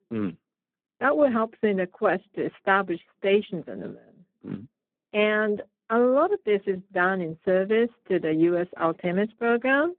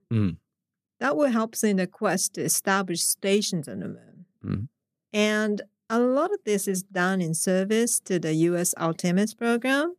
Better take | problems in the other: second | phone-call audio; poor line

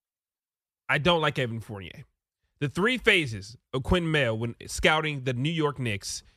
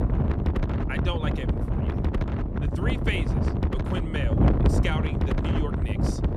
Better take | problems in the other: first | wind noise on the microphone; heavy; 1 dB above the speech

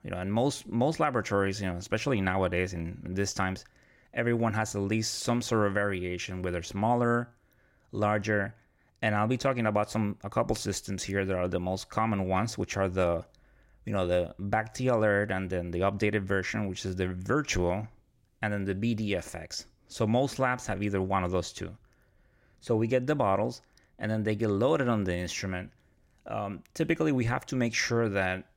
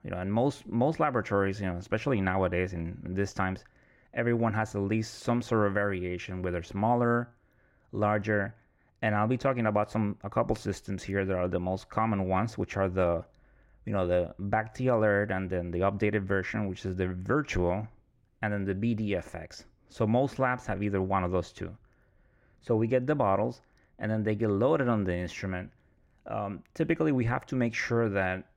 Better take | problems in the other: first | muffled; slightly; fading above 3 kHz

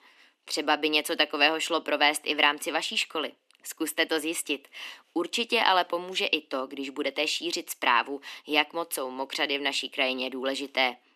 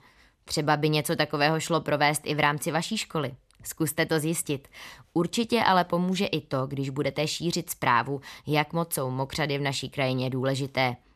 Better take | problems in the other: second | thin; somewhat; fading below 250 Hz

